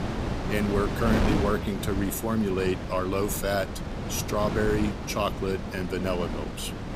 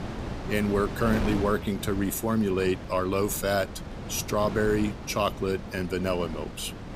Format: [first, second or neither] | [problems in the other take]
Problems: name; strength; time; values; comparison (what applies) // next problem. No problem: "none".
second | wind noise on the microphone; heavy; 5 dB below the speech; occasional gusts in the second